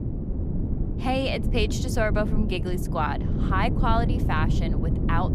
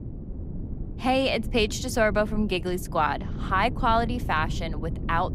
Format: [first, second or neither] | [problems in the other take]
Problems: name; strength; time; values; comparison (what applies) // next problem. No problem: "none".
second | wind noise on the microphone; heavy; 9 dB below the speech; occasional gusts in the second